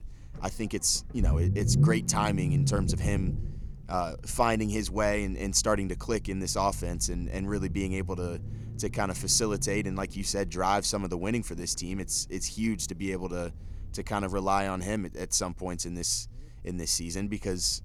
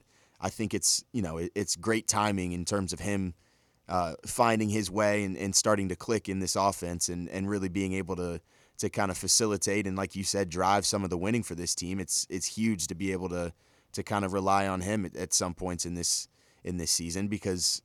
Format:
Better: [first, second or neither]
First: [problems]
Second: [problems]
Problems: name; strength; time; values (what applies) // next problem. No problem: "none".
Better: second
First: low rumble; noticeable; throughout; 15 dB below the speech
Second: none